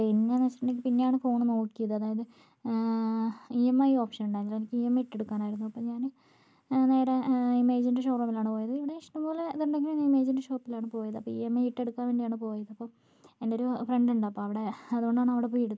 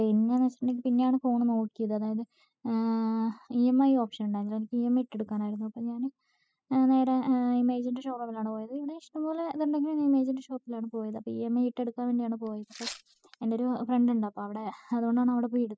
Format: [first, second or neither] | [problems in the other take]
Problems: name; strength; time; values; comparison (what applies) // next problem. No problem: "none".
first | noise reduction (classical method spectral subtraction)